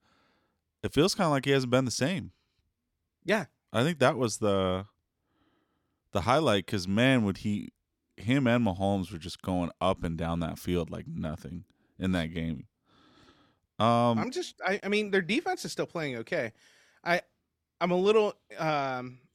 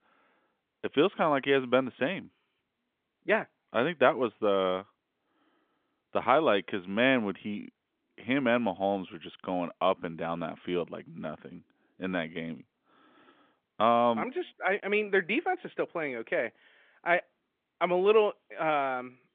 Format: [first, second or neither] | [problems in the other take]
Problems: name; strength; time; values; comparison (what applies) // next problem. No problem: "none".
first | phone-call audio; nothing above 3.5 kHz